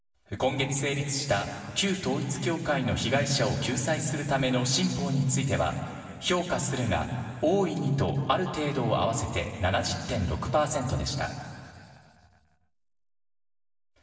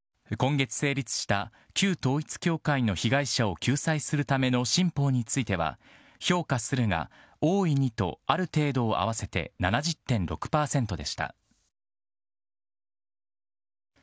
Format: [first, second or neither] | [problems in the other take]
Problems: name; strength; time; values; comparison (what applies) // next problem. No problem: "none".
second | room echo; dies away in 2.6 s